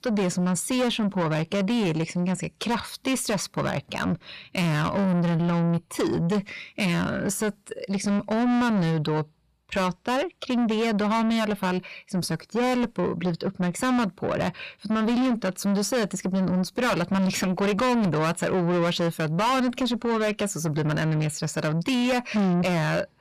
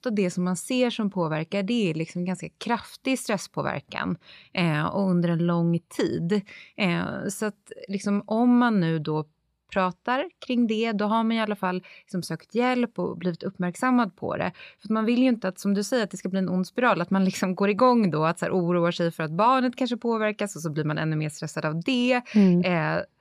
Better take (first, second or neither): second